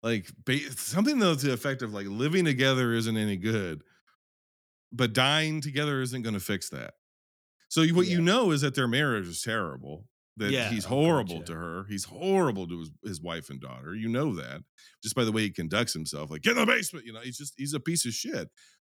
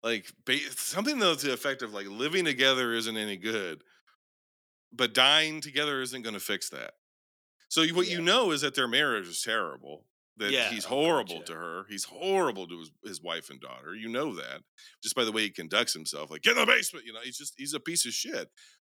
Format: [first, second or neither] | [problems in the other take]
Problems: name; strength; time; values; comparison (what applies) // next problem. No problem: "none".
first | thin; somewhat; fading below 400 Hz